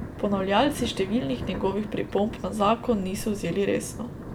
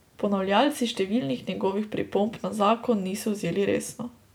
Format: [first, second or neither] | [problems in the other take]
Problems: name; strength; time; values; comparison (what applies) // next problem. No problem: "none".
second | background sound (Thunder); 10 dB below the speech